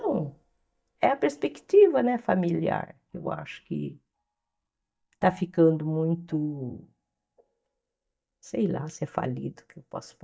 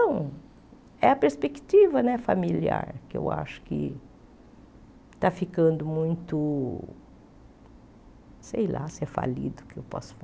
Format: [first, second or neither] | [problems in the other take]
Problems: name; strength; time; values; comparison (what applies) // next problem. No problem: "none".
second | noise reduction (neural mask model DeepFilterNet 3)